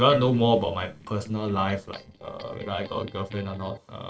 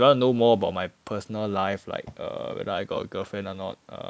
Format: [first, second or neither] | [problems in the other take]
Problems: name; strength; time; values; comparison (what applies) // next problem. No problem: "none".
second | noise reduction (neural separator model SepFormer DNS4)